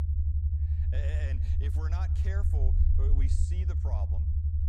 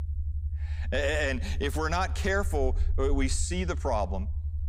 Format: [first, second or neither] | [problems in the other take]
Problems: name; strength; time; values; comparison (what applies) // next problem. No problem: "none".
second | low rumble; loud; throughout; as loud as the speech; faint in the second